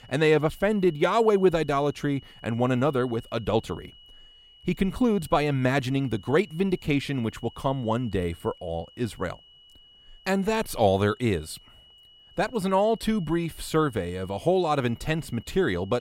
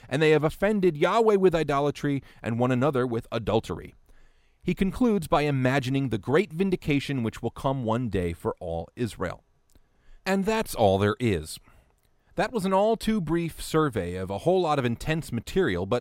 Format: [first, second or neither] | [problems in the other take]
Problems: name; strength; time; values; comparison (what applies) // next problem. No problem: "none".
second | high-pitched whine; faint; throughout; 3 kHz, 25 dB below the speech